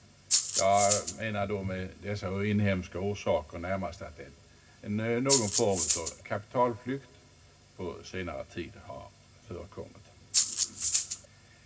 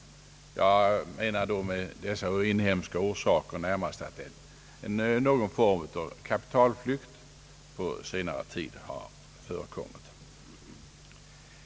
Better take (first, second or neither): second